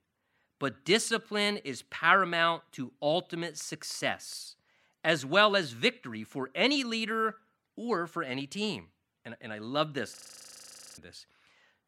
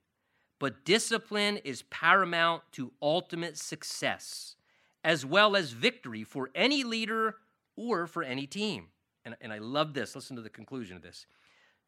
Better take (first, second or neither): second